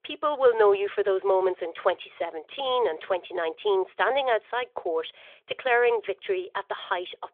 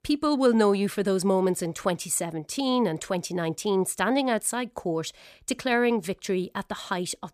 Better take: second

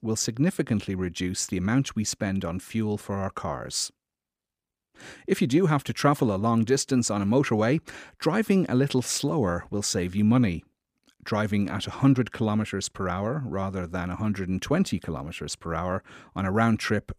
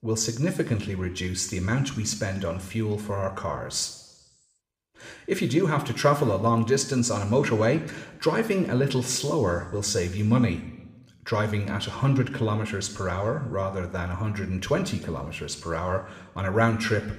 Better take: first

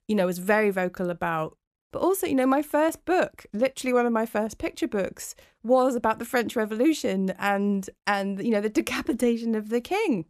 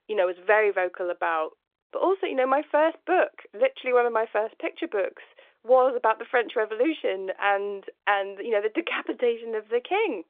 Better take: first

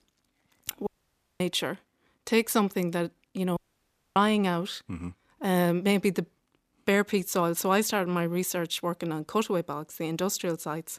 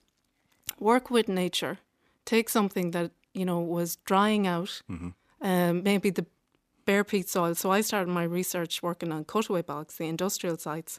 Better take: second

